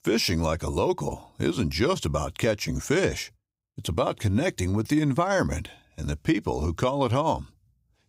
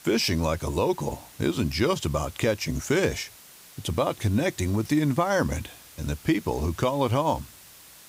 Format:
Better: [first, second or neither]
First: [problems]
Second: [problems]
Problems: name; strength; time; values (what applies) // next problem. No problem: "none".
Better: first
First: none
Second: hiss; faint; throughout; 20 dB below the speech